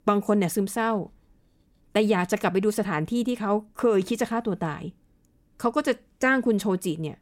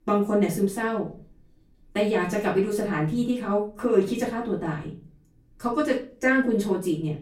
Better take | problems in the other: first | room echo; slight; dies away in 0.3 s // off-mic speech; far

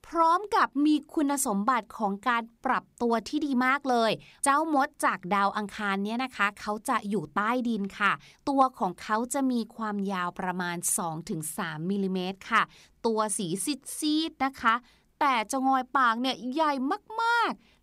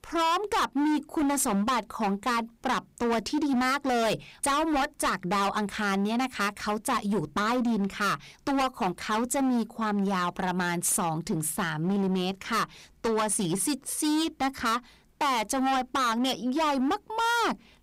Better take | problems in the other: first | distortion; heavy; 22% of the sound clipped

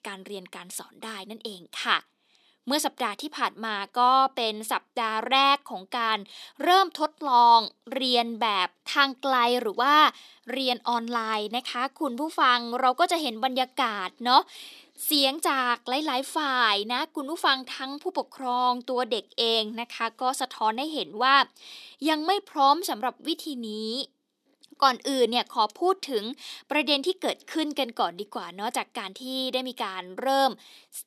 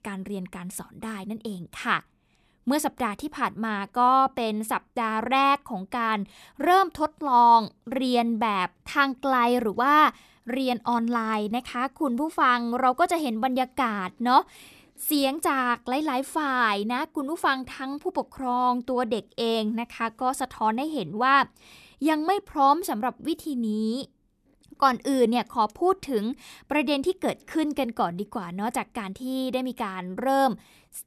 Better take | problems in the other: second | thin; very slightly; fading below 300 Hz

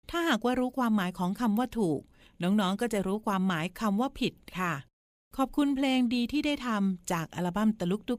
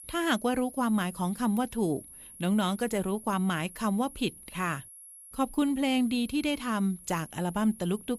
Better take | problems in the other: first | high-pitched whine; noticeable; throughout; 10.5 kHz, 15 dB below the speech

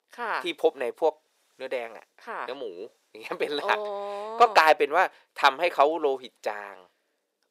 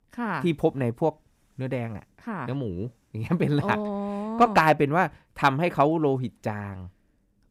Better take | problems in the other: second | thin; very; fading below 450 Hz

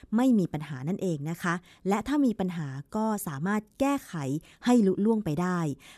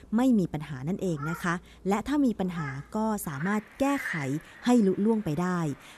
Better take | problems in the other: first | animal sounds; noticeable; throughout; 10 dB below the speech

